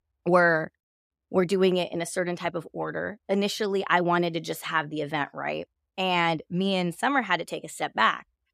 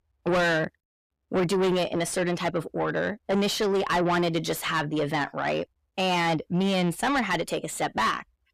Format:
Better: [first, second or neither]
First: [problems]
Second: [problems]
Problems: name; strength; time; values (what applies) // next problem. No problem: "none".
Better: first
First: none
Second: distortion; heavy; 6 dB below the speech